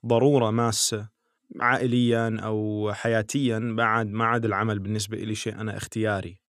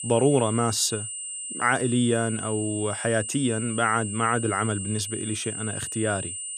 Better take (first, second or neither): first